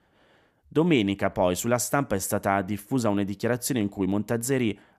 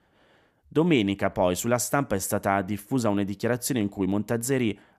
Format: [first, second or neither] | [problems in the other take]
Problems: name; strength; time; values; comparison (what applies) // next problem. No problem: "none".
neither | none